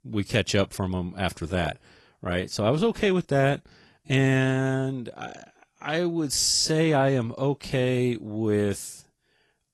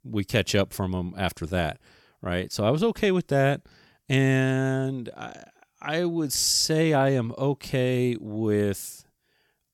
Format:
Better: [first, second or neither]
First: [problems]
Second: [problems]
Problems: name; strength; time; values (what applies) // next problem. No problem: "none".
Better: second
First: garbled, watery; slightly; nothing above 12 kHz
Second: none